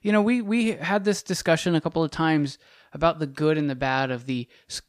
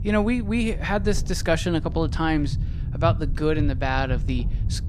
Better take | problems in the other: first | low rumble; noticeable; throughout; 15 dB below the speech

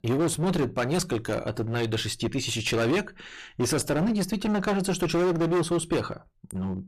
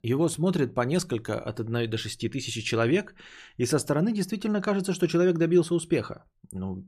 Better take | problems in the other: second | distortion; heavy; 20% of the sound clipped

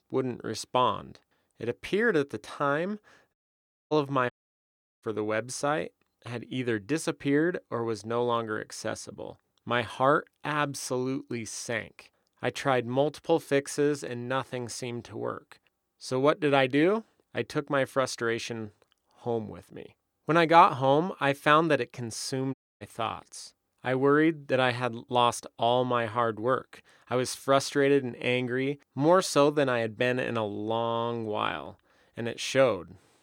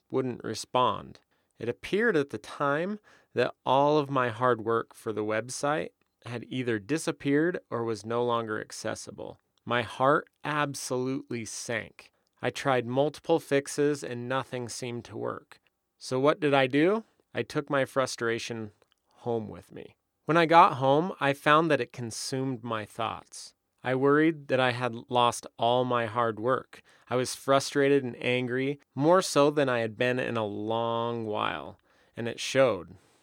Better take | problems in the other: second | audio cutting out; at 3.5 s for 0.5 s, at 4.5 s for 0.5 s and at 23 s

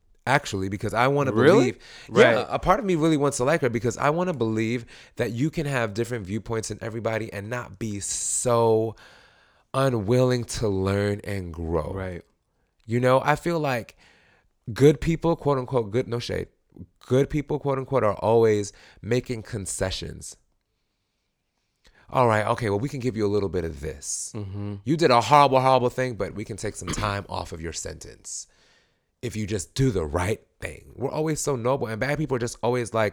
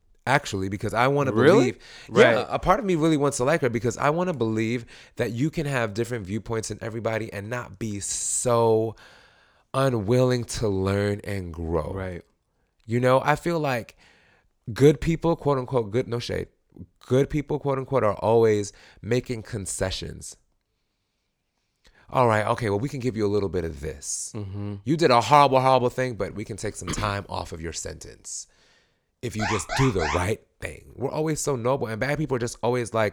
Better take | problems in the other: first | alarm; noticeable; at 29 s; peak 3 dB below the speech

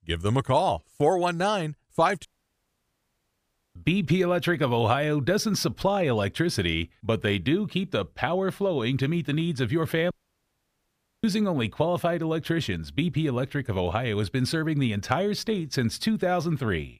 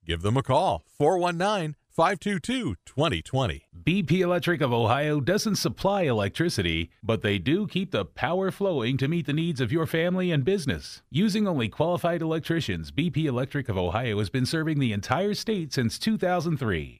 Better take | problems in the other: second | audio cutting out; at 2.5 s for 1.5 s and at 10 s for 1 s

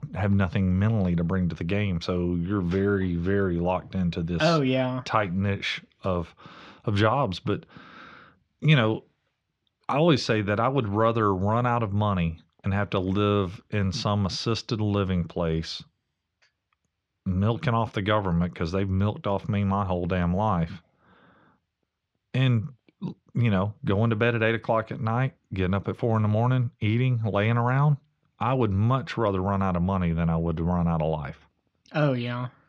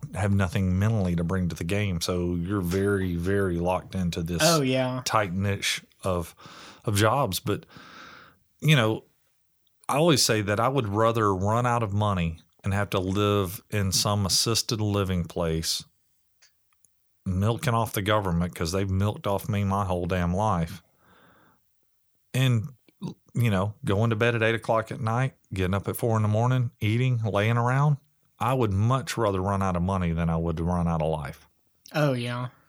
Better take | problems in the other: second | muffled; slightly; fading above 3.5 kHz

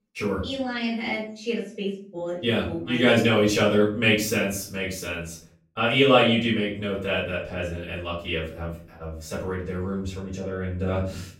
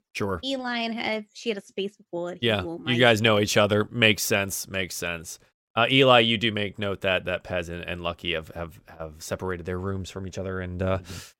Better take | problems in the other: second | off-mic speech; far // room echo; noticeable; dies away in 0.4 s

